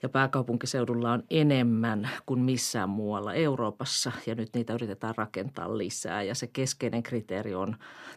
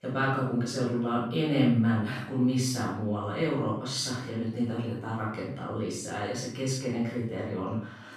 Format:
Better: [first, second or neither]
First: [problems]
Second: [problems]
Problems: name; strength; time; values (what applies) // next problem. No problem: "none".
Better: first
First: none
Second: off-mic speech; far // room echo; noticeable; dies away in 0.5 s